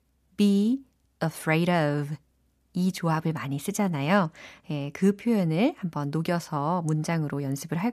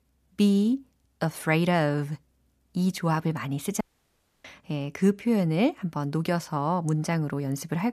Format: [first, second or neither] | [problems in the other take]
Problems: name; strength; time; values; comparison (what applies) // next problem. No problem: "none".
first | audio cutting out; at 4 s for 0.5 s